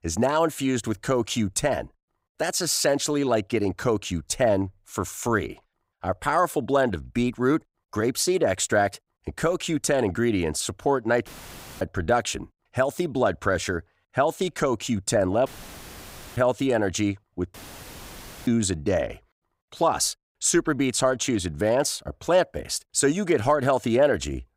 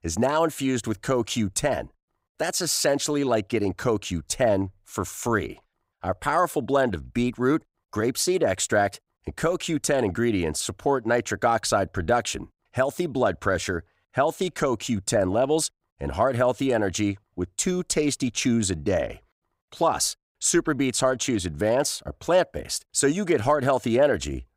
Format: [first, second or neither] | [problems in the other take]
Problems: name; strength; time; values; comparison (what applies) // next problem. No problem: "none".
second | audio cutting out; filled with static; at 11 s for 0.5 s, at 15 s for 1 s and at 18 s for 1 s